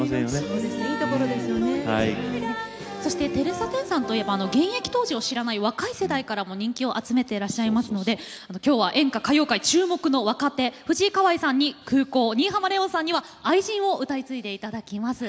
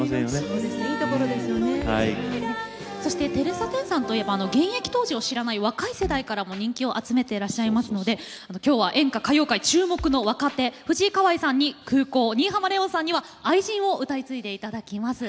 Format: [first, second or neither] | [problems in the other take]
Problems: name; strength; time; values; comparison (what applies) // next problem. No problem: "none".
first | background sound (Drum kit); 16 dB below the speech